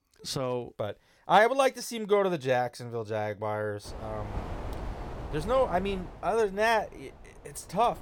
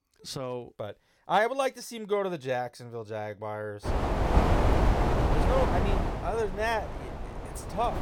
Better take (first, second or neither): first